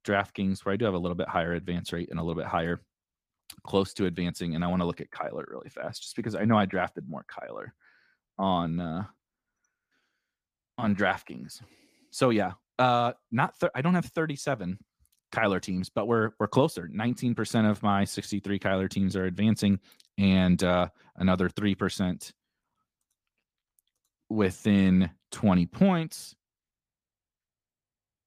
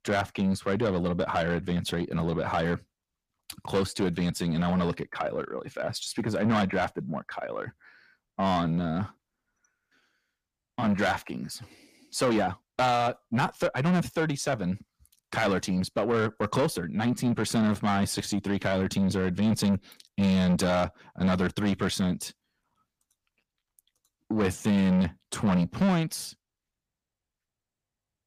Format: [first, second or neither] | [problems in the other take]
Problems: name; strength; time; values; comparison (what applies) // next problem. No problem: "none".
first | distortion; heavy; 8 dB below the speech